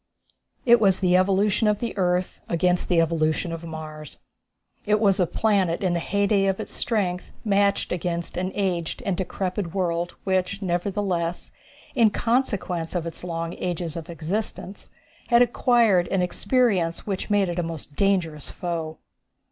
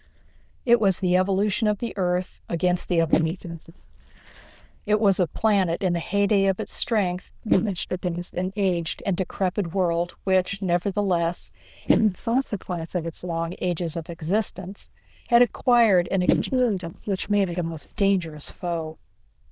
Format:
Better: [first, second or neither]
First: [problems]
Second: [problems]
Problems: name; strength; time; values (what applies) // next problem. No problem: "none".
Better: first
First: none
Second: noise reduction (neural diffusion model UNIVERSE++)